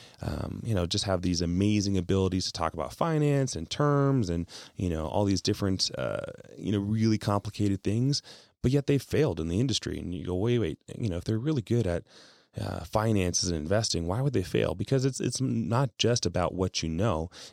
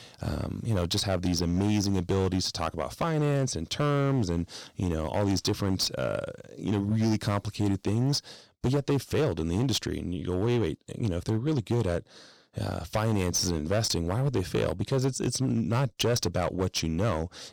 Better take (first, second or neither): first